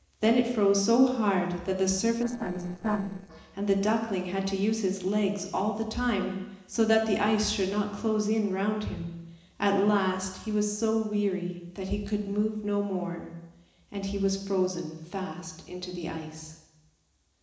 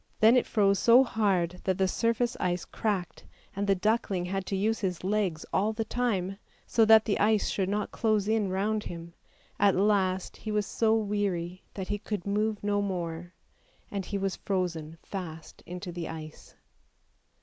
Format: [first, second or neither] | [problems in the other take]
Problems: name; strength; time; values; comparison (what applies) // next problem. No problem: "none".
second | noise reduction (neural separator model SepFormer DNS4)